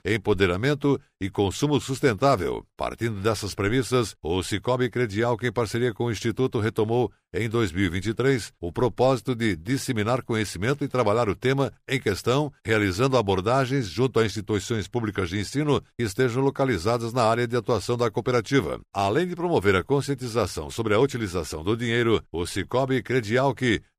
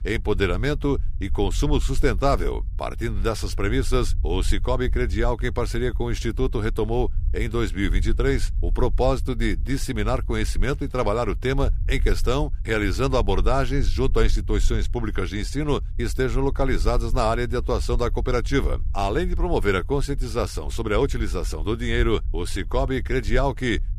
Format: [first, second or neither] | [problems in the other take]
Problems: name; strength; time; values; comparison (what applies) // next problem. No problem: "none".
first | low rumble; faint; throughout; 25 dB below the speech